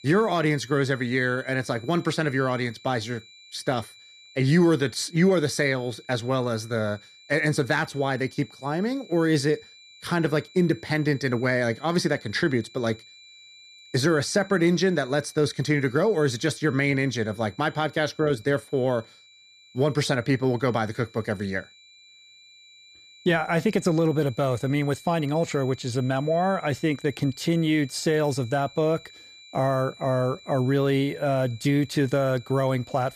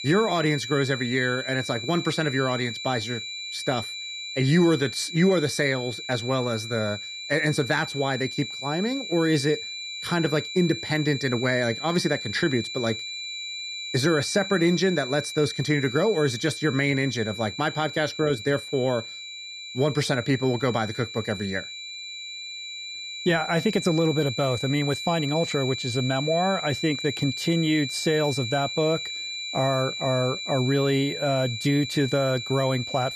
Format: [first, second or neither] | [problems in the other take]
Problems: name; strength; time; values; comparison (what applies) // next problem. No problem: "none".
first | high-pitched whine; loud; throughout; 4 kHz, 7 dB below the speech; faint in the first